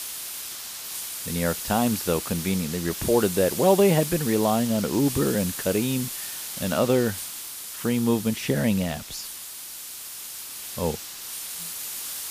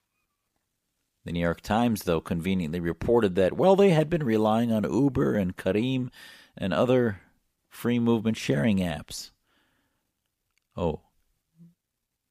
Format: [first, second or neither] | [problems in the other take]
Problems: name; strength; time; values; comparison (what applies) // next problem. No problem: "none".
second | hiss; loud; throughout; 7 dB below the speech